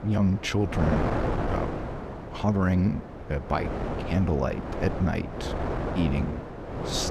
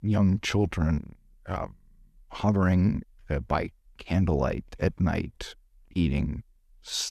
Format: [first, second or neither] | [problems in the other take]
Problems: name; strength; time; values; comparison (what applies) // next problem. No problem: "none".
second | wind noise on the microphone; heavy; 2 dB below the speech